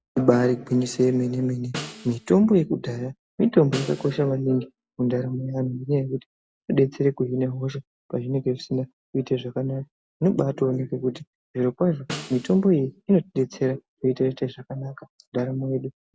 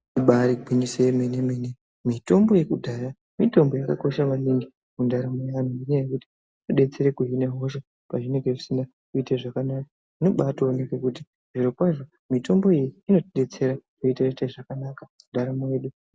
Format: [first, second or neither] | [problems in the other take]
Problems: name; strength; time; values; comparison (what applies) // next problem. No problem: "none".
second | background sound (Snare drum); 15 dB below the speech